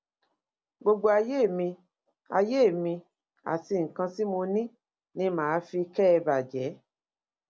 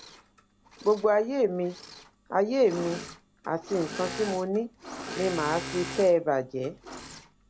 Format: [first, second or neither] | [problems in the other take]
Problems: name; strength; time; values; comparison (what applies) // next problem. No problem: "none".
first | background sound (Engine / Mechanisms); 13 dB below the speech